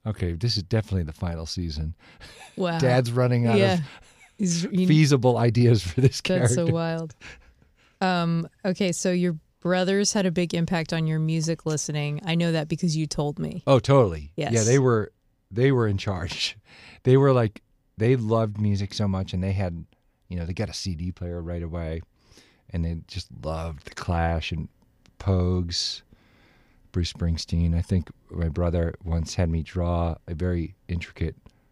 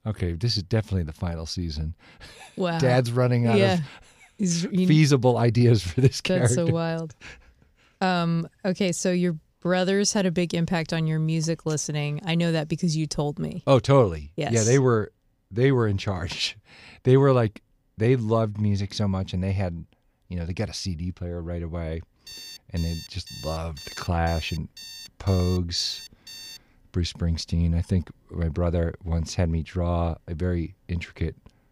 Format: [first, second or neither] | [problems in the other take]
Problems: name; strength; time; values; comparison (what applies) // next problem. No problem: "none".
first | alarm; faint; from 22 to 27 s; peak 15 dB below the speech